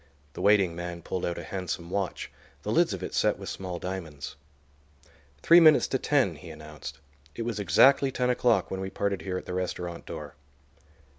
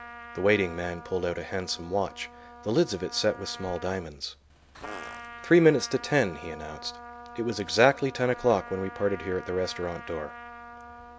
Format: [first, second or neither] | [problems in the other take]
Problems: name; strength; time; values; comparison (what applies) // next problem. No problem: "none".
first | background sound (Fart + Trumpet); 16 dB below the speech